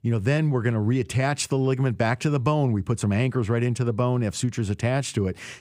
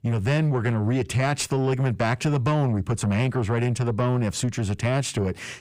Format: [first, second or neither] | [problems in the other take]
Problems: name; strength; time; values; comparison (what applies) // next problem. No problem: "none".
first | distortion; slight; 10 dB below the speech